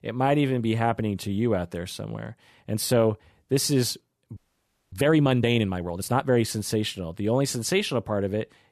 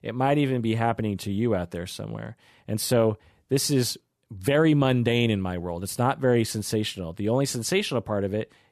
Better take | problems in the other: second | audio freezing; at 4.5 s for 0.5 s

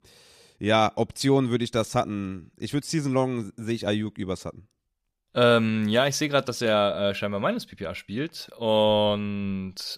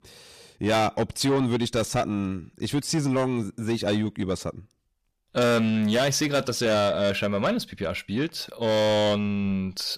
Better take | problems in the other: first | distortion; heavy; 8 dB below the speech

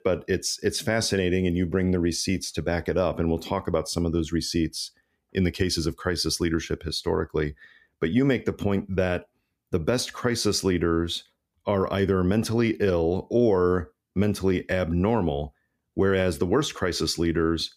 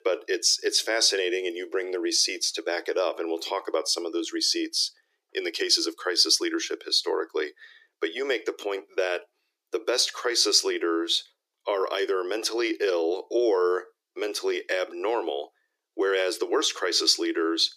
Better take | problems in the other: first | thin; very; fading below 350 Hz

